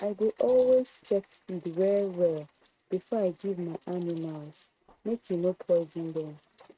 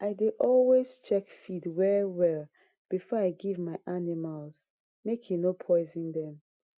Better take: second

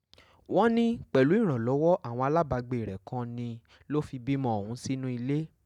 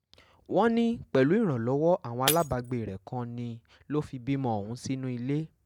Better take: first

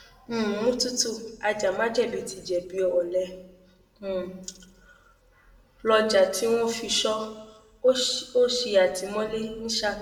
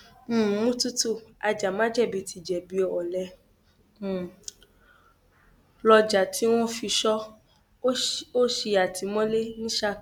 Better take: second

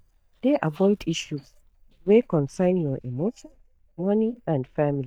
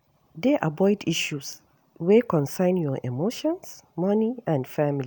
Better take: second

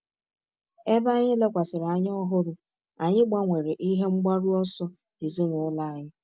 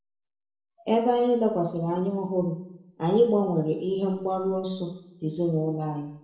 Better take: first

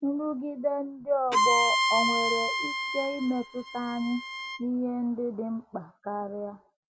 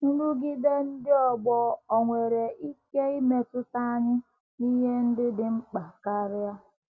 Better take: second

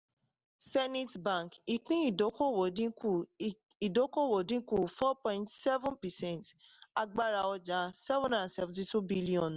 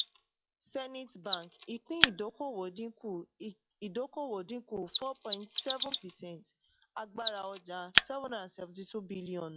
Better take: first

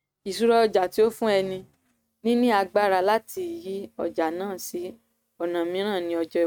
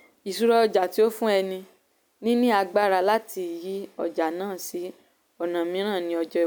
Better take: second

